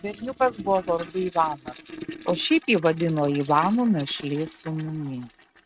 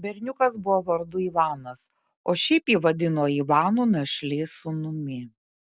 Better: second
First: noise reduction (neural mask model RNNoise)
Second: none

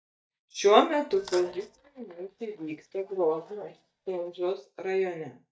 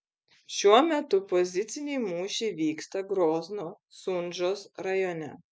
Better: second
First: noise reduction (neural mask model DeepFilterNet 3)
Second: none

